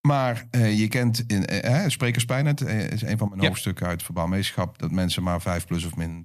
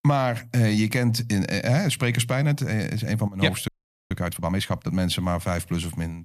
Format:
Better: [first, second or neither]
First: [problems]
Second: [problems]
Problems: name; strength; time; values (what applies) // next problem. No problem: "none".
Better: first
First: none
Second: audio freezing; at 3.5 s